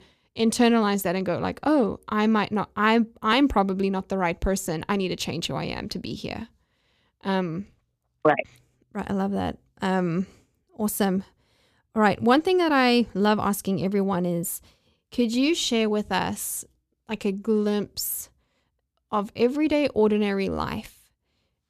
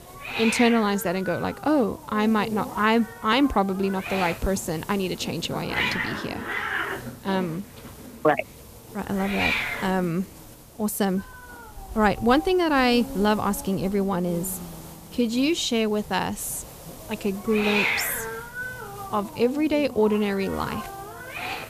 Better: first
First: none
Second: hiss; loud; throughout; 7 dB below the speech

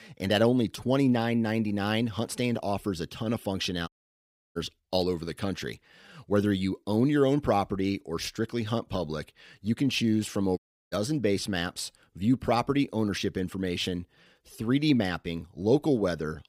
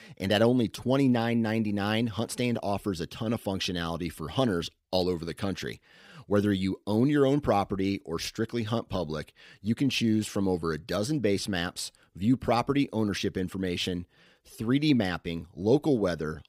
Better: second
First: audio cutting out; at 4 s for 0.5 s and at 11 s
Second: none

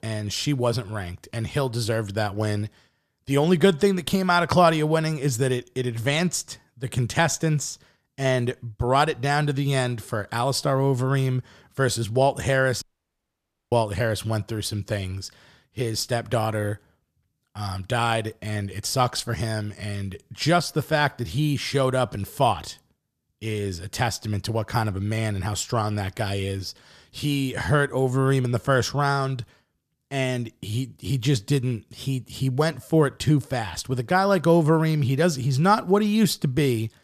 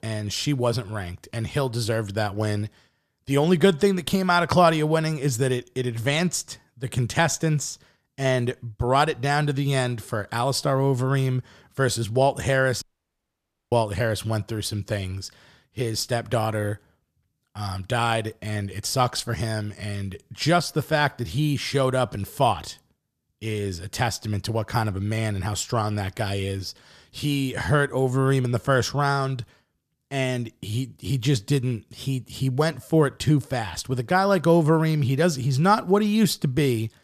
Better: neither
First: audio cutting out; at 13 s for 1 s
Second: audio cutting out; at 13 s for 1 s

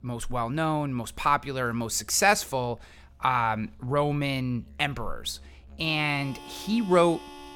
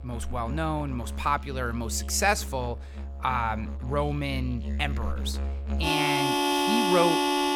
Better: first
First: background music; faint; throughout; 20 dB below the speech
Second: background music; loud; throughout; as loud as the speech

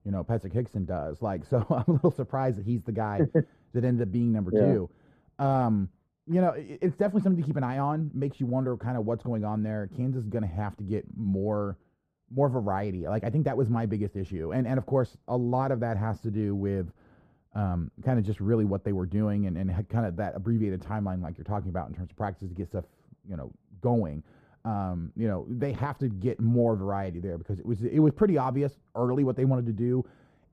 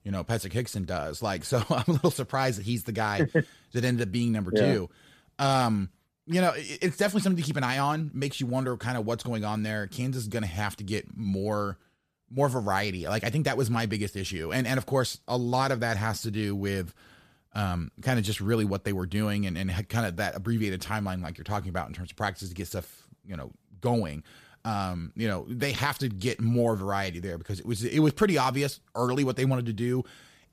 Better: second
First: muffled; very; fading above 1.5 kHz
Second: none

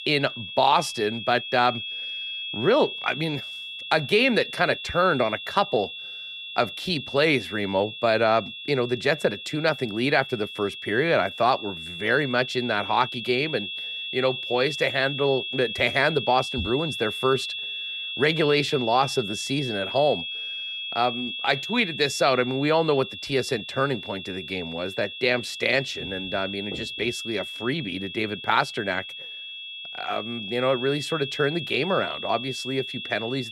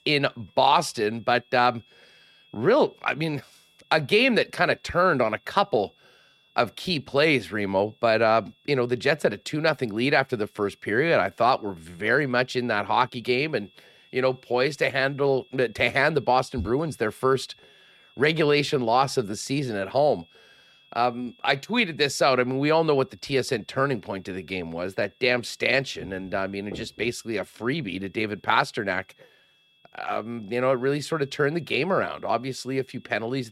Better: second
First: high-pitched whine; loud; throughout; 3.5 kHz, 7 dB below the speech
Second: high-pitched whine; faint; throughout; 3.5 kHz, 35 dB below the speech

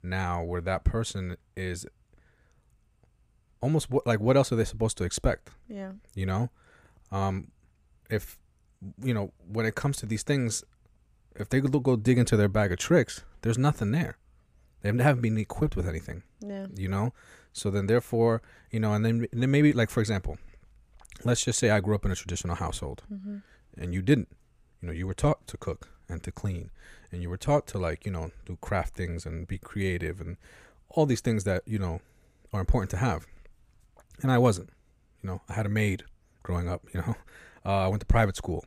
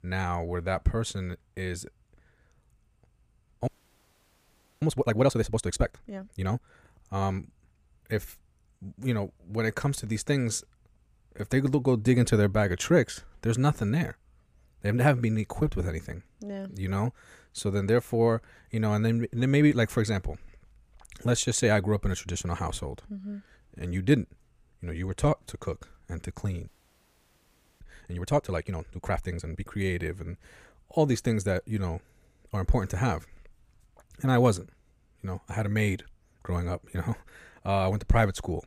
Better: first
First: none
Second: audio freezing; at 3.5 s for 1 s and at 27 s for 1 s

